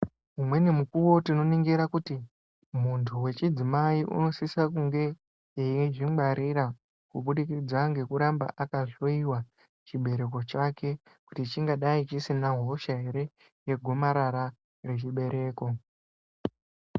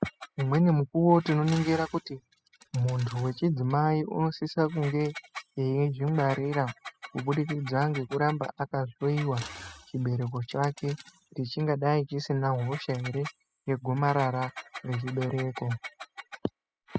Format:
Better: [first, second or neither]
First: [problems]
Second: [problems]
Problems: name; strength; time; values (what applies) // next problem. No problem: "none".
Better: first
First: none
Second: noise reduction (classical method spectral subtraction)